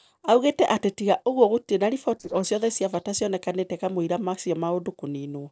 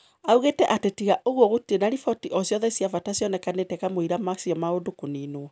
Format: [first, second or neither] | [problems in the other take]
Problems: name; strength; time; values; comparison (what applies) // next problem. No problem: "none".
second | noise reduction (neural separator model SepFormer DNS4)